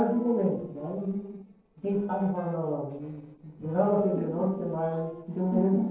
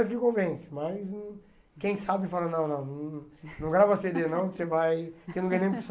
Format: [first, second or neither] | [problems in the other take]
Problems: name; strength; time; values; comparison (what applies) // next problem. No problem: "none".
second | noise reduction (neural separator model SepFormer DNS4)